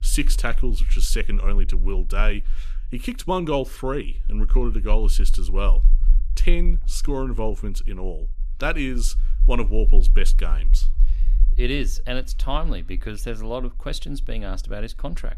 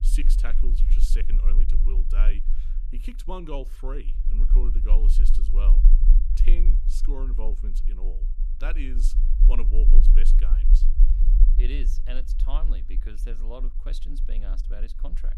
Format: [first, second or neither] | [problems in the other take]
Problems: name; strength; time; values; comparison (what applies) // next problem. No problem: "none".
first | low rumble; loud; throughout; 8 dB below the speech; faint in the first